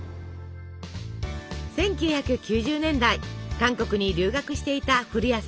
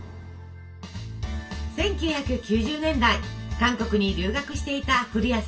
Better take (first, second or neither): first